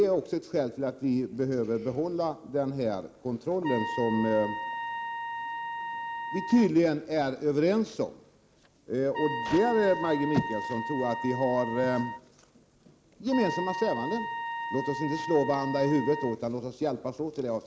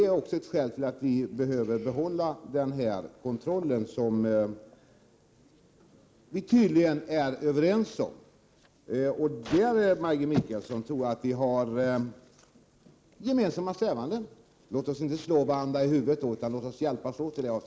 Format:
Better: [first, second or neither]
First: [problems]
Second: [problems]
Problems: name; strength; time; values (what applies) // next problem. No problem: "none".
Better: second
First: background sound (Trumpet); 6 dB below the speech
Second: none